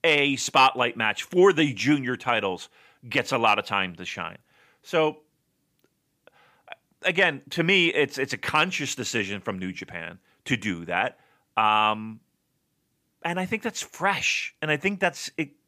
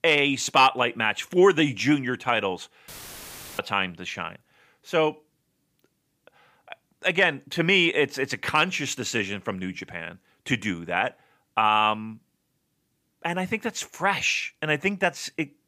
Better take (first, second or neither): first